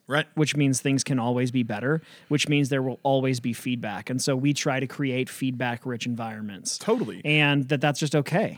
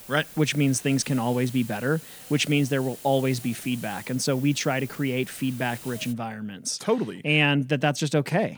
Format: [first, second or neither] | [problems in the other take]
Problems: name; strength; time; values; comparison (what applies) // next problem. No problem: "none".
first | hiss; noticeable; until 6 s; 15 dB below the speech